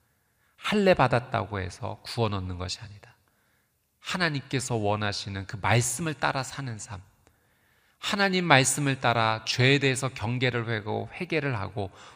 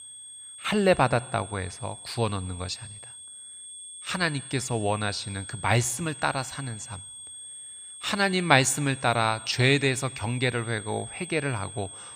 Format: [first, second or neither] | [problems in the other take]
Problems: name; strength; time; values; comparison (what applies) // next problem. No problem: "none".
first | high-pitched whine; noticeable; throughout; 8.5 kHz, 15 dB below the speech